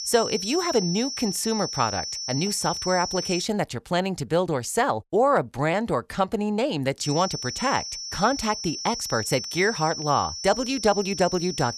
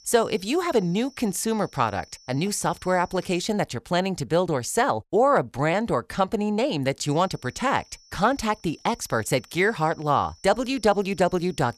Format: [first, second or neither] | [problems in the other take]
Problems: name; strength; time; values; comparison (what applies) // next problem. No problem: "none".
second | high-pitched whine; loud; until 3.5 s and from 7 s on; 5.5 kHz, 6 dB below the speech; faint in the second